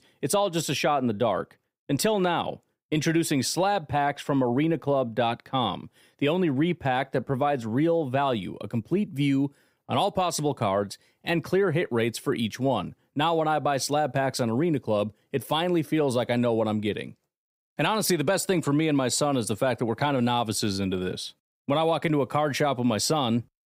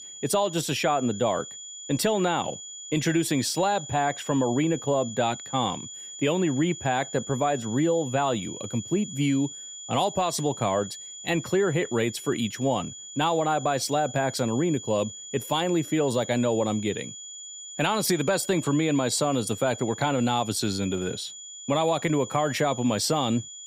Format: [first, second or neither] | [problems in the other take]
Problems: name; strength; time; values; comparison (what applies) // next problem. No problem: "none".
first | high-pitched whine; noticeable; throughout; 7 kHz, 10 dB below the speech